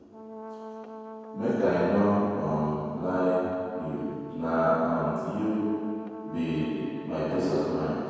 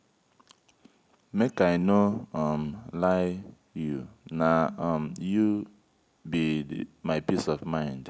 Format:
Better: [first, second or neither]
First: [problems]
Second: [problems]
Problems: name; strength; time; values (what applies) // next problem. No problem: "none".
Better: second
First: background sound (Brass instrument); 14 dB below the speech // room echo; dies away in 2.2 s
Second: none